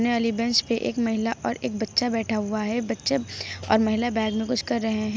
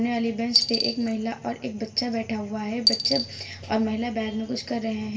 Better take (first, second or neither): first